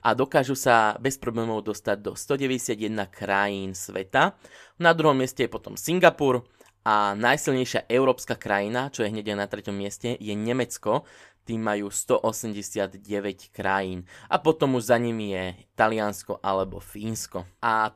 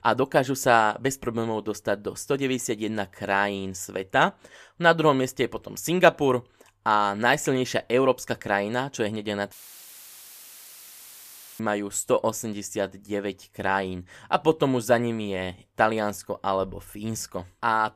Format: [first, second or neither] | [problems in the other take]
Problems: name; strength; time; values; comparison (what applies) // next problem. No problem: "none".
first | audio cutting out; filled with static; at 9.5 s for 2 s